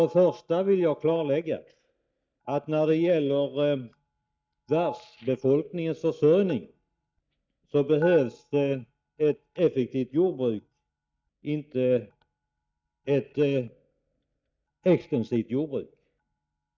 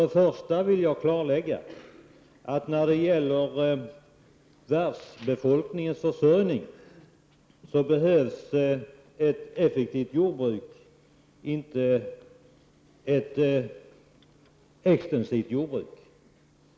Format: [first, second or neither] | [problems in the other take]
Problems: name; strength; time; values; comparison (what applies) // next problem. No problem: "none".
second | noise reduction (neural mask model DeepFilterNet 3)